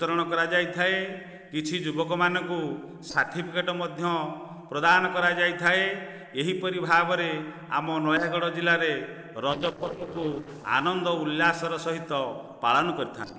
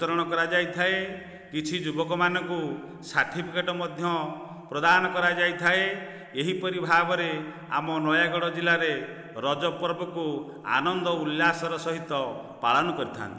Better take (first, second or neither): second